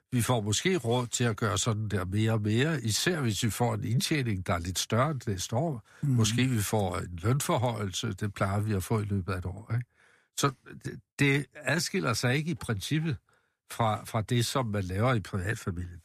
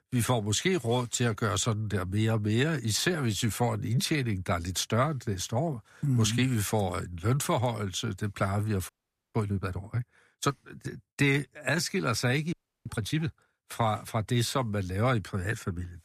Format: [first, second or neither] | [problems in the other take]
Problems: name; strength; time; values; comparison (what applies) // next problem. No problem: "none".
first | audio freezing; at 9 s and at 13 s